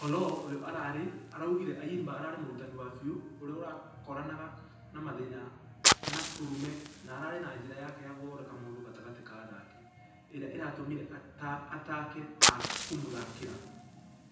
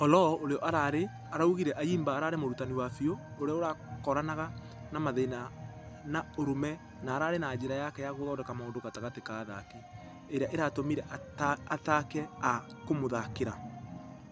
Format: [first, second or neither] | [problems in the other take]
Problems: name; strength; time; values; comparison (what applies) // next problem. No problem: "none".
second | background sound (Fire); 2 dB above the speech // room echo; dies away in 0.9 s